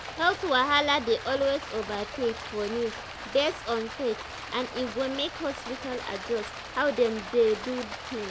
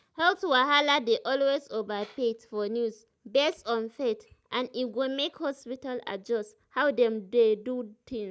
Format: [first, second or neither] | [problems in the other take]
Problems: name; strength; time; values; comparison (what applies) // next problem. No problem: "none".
second | background sound (Stream); 10 dB below the speech